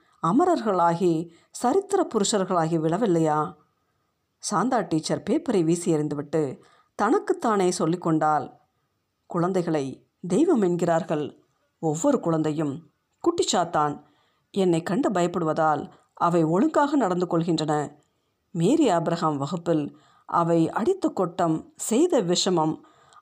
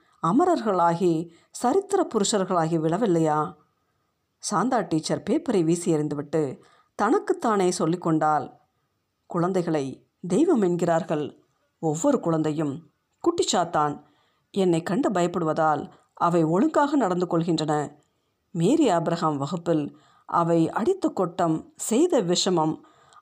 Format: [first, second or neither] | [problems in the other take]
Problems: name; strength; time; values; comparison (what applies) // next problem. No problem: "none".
neither | none